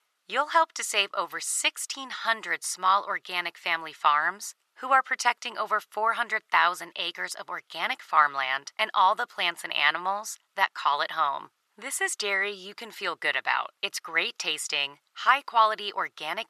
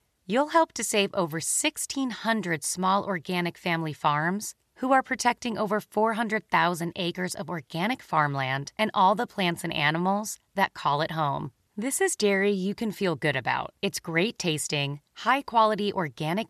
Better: second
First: thin; very; fading below 600 Hz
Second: none

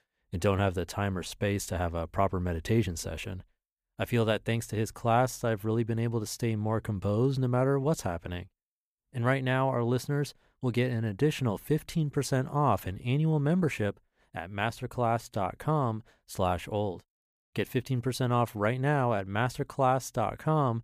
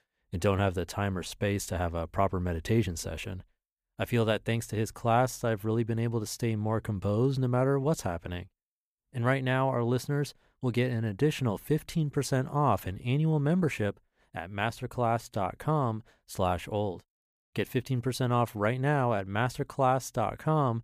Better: neither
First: none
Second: none

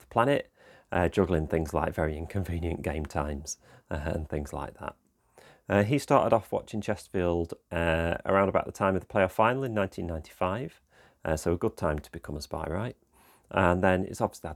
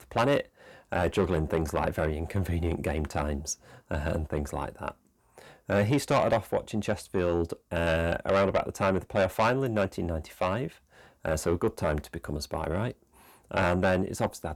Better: first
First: none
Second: distortion; heavy; 7 dB below the speech

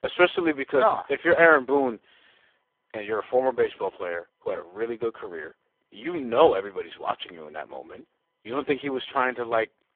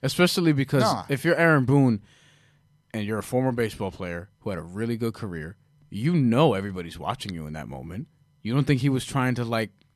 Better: second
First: phone-call audio; poor line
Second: none

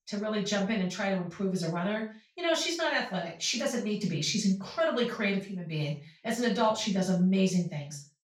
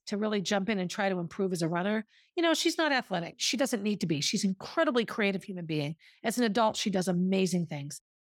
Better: second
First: room echo; noticeable; dies away in 0.3 s // off-mic speech; far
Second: none

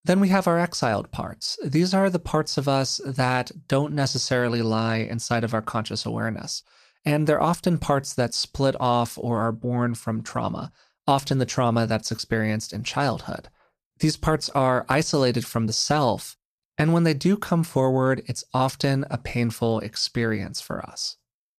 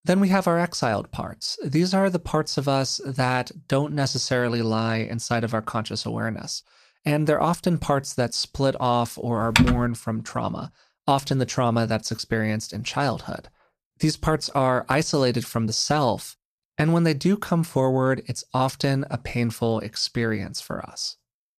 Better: first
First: none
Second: keyboard typing; loud; at 9.5 s; peak 4 dB above the speech

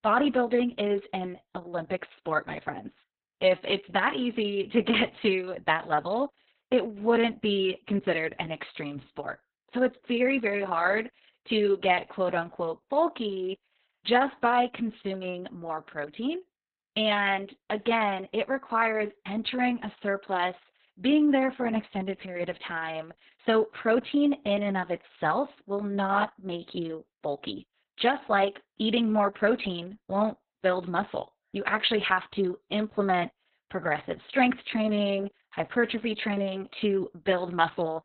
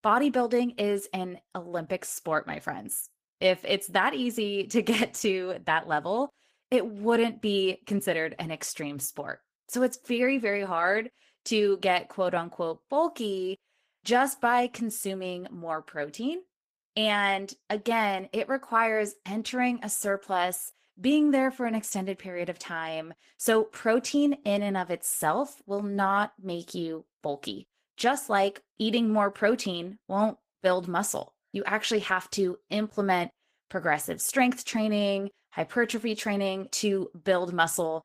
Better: second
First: garbled, watery; badly; nothing above 4 kHz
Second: garbled, watery; slightly

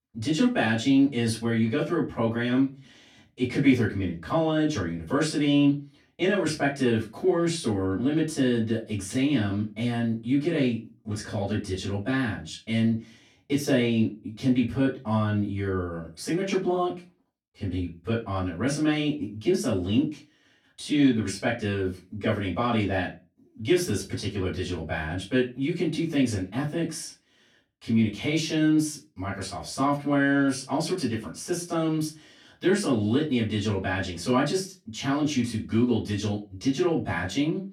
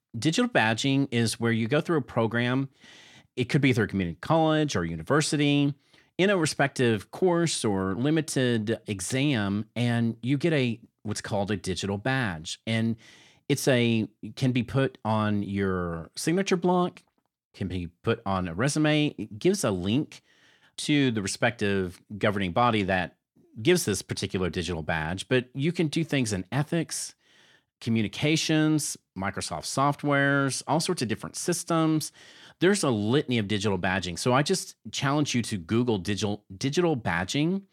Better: second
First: room echo; slight; dies away in 0.2 s // off-mic speech; far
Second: none

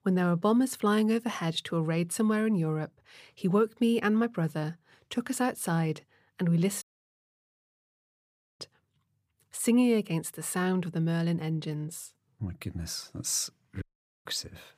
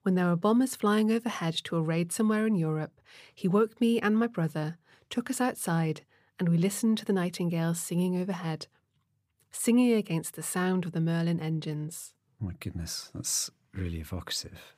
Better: second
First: audio cutting out; at 7 s for 2 s and at 14 s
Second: none

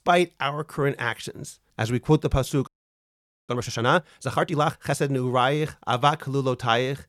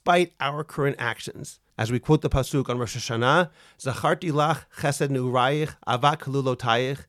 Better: second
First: audio freezing; at 2.5 s for 1 s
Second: none

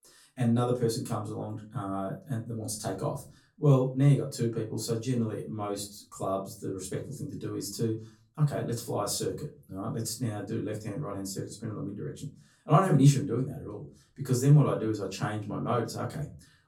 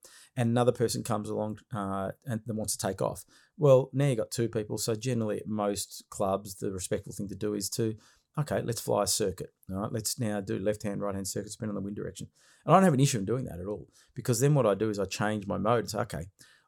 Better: second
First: off-mic speech; far // room echo; very slight; dies away in 0.3 s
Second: none

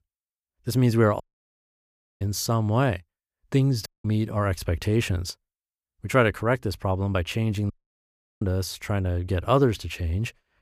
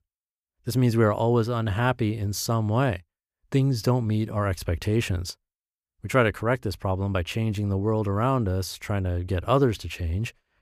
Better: second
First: audio cutting out; at 1 s for 1 s, at 4 s and at 7.5 s for 0.5 s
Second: none

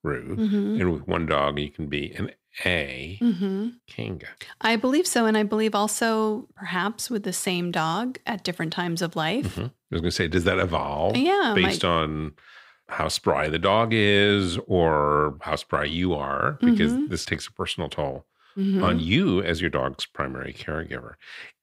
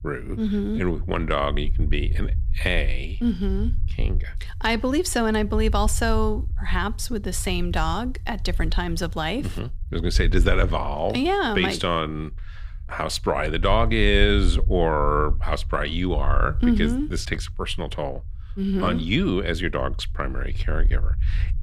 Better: first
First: none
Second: low rumble; faint; throughout; 25 dB below the speech

